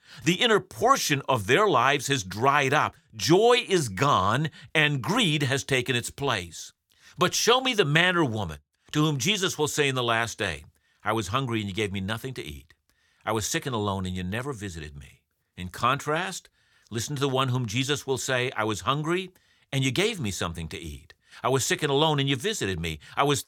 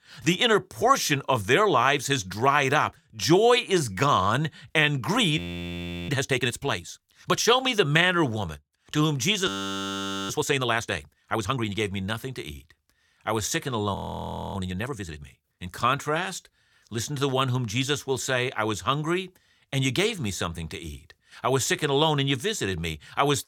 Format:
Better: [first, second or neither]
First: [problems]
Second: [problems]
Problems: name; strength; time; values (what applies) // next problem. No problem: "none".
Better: first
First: none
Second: audio freezing; at 5.5 s for 0.5 s, at 9.5 s for 1 s and at 14 s for 0.5 s